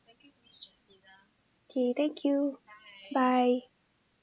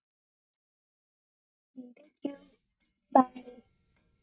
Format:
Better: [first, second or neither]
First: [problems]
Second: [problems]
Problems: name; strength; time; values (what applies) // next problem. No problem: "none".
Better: first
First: none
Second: noise reduction (neural mask model DeepFilterNet 3)